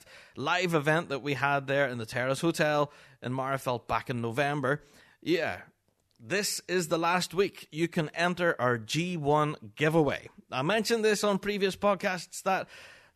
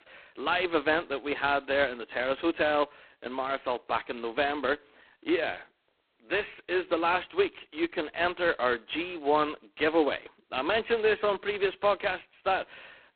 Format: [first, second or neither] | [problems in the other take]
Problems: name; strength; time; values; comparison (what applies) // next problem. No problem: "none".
first | phone-call audio; poor line; nothing above 4 kHz